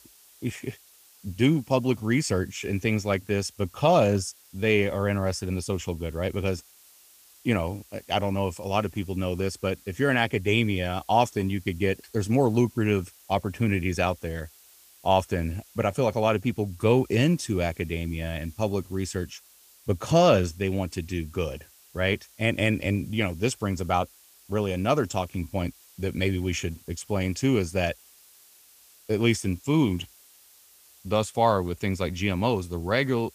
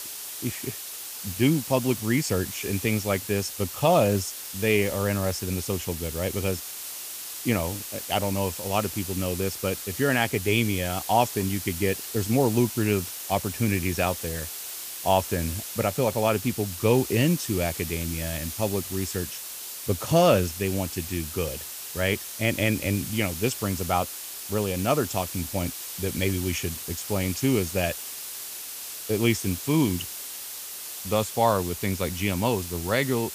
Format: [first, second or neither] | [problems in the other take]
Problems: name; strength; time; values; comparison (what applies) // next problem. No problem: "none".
first | hiss; loud; throughout; 7 dB below the speech; faint in the first